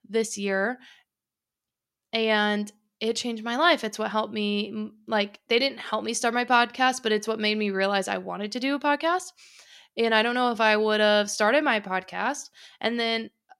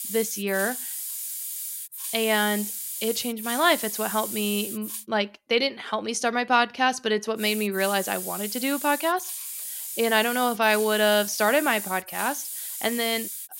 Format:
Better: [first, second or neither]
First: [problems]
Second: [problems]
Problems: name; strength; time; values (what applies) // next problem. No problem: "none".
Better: first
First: none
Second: hiss; loud; until 5 s and from 7.5 s on; 7 dB below the speech